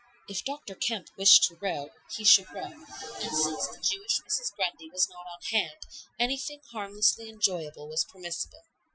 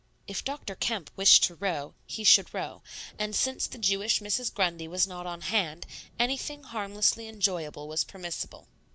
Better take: second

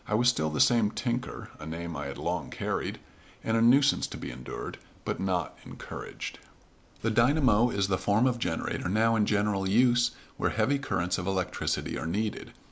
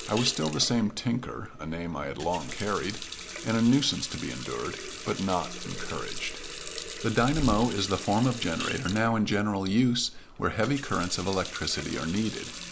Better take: first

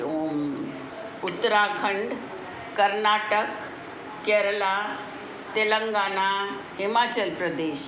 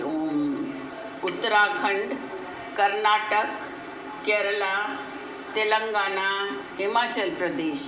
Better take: first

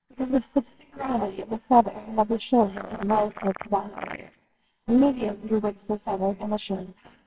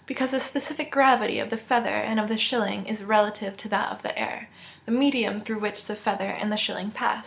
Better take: second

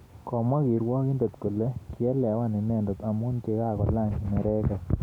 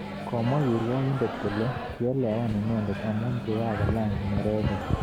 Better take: first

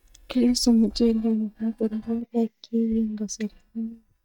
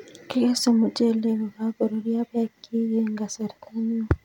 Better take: second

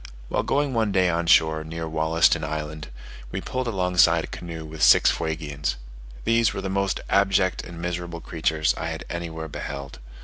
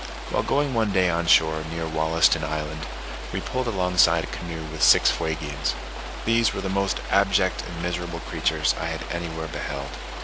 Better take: first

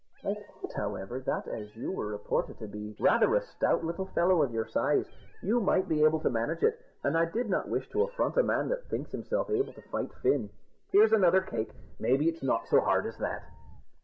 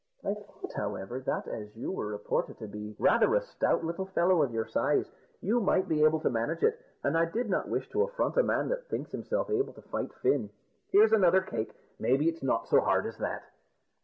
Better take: second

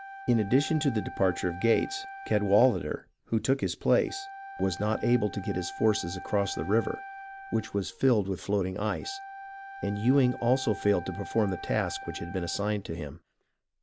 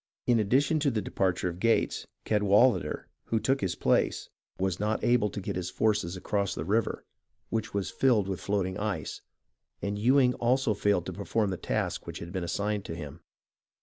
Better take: second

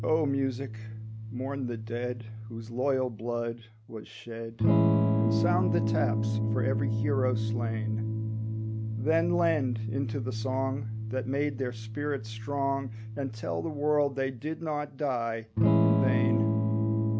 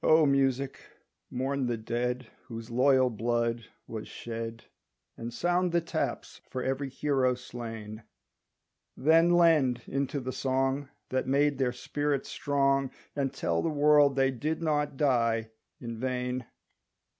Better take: second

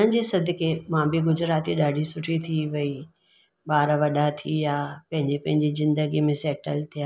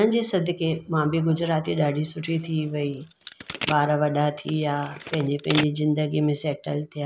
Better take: first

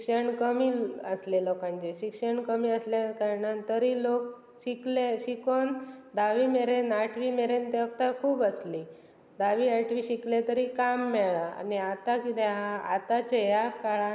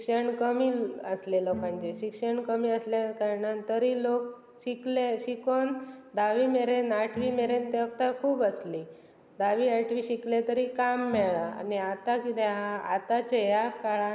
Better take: first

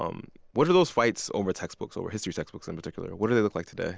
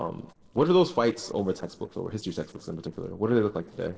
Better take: first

